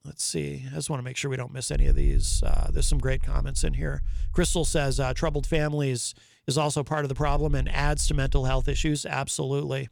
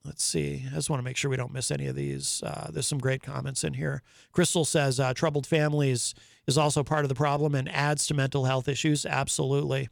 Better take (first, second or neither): second